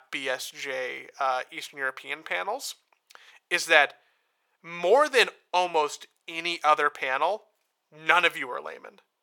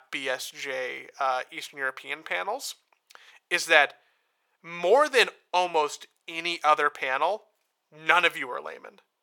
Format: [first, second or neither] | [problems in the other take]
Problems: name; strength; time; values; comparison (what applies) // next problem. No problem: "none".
neither | thin; very; fading below 750 Hz; the same in both